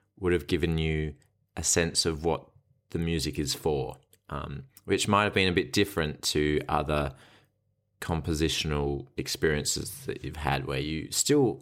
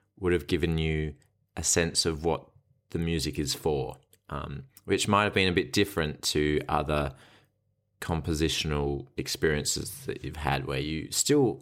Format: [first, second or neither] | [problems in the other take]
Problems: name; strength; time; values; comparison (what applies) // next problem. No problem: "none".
neither | none